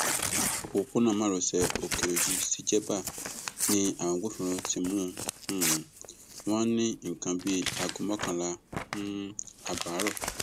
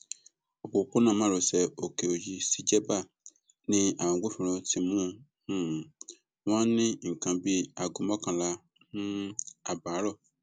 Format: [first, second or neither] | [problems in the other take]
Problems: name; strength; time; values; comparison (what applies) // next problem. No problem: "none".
second | background sound (Crumpling, crinkling / Tearing); 4 dB below the speech